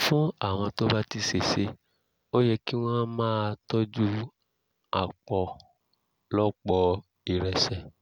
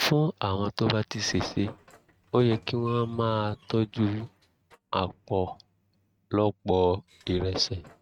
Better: first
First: none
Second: noise reduction (neural mask model RNNoise)

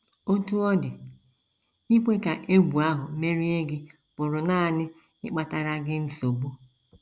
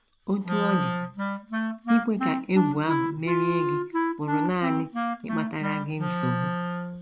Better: first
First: none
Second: background sound (Wind instrument, woodwind instrument); as loud as the speech

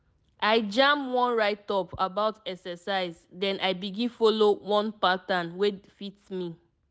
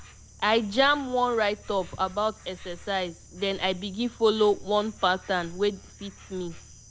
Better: first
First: none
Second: background sound (Insect); 18 dB below the speech

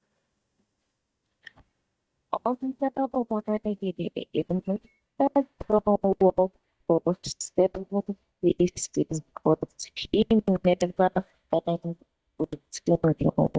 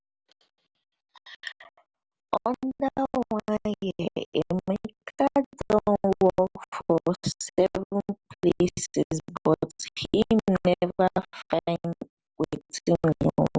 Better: second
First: noise reduction (neural mask model DeepFilterNet 3)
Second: none

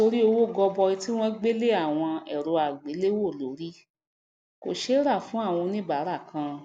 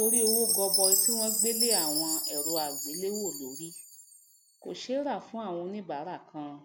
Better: first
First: none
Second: background sound (Chime); 3 dB above the speech

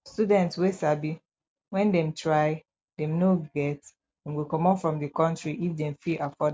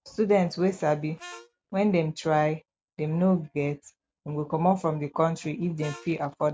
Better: first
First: none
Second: background sound (Harmonica); 19 dB below the speech

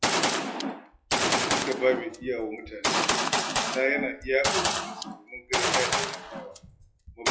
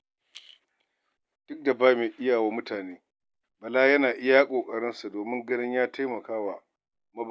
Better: second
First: noise reduction (classical method WPE with log-MMSE)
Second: none

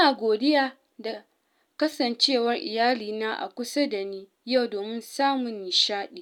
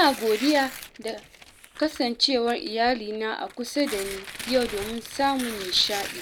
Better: first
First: none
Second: background sound (Tearing); 13 dB below the speech

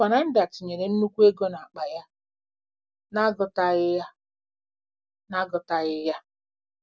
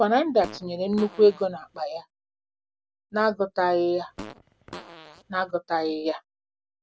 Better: first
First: none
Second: background sound (Fart); 18 dB below the speech

